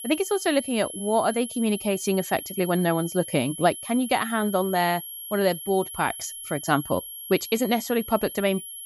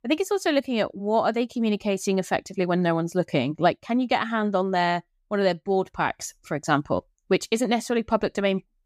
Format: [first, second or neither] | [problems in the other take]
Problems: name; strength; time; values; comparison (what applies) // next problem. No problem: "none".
second | high-pitched whine; loud; throughout; 11 kHz, 10 dB below the speech